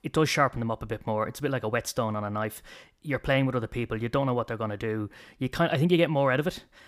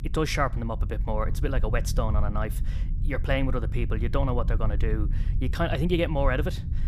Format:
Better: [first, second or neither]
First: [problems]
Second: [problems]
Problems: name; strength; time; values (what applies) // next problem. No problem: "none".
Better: first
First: none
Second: low rumble; noticeable; throughout; 15 dB below the speech